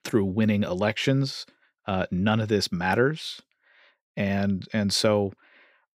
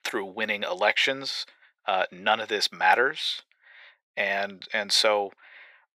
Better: first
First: none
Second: thin; very; fading below 600 Hz

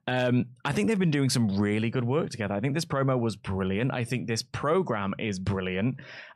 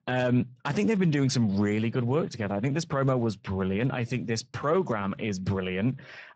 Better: first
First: none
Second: garbled, watery; badly; nothing above 7.5 kHz

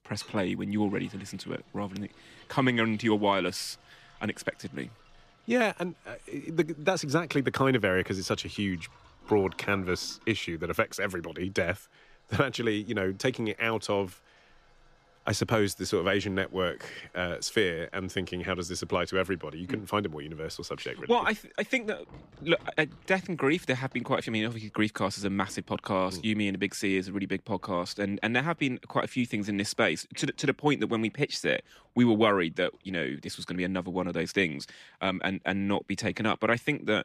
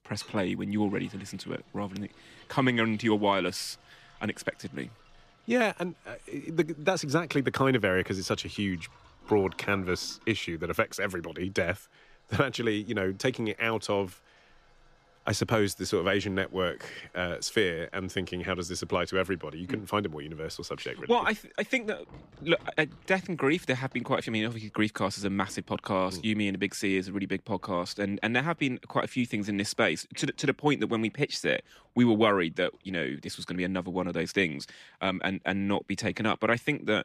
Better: neither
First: household noises; faint; throughout; 30 dB below the speech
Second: household noises; faint; throughout; 30 dB below the speech

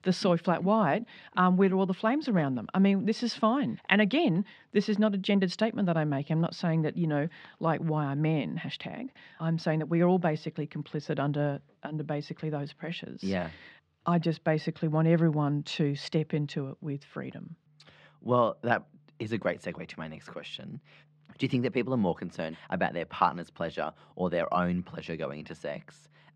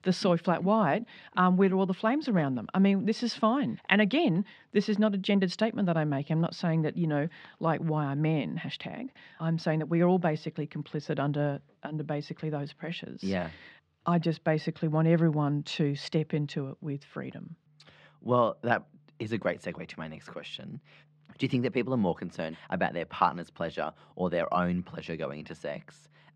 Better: neither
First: muffled; very slightly; fading above 3 kHz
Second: muffled; very slightly; fading above 3 kHz

